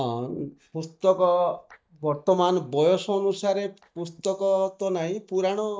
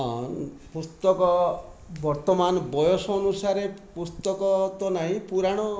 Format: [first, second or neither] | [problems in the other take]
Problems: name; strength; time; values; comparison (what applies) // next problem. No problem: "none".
second | noise reduction (neural mask model DeepFilterNet 3)